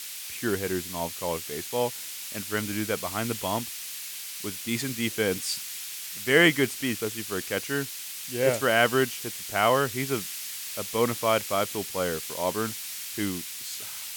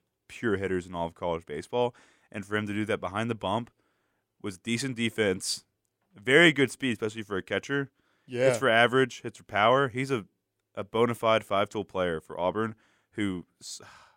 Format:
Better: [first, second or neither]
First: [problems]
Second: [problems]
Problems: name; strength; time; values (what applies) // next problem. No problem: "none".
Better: second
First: hiss; loud; throughout; 6 dB below the speech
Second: none